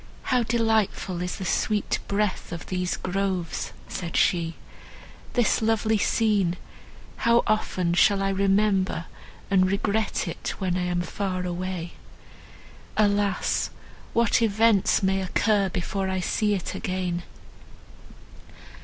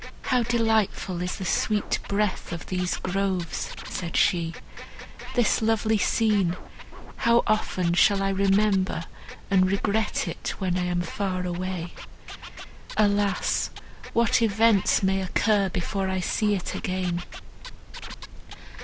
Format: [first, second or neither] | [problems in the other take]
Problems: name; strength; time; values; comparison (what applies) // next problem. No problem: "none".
first | background sound (Scratching (performance technique)); 17 dB below the speech